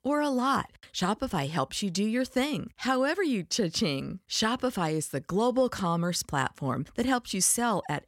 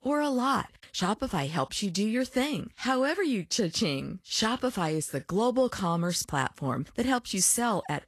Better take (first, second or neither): first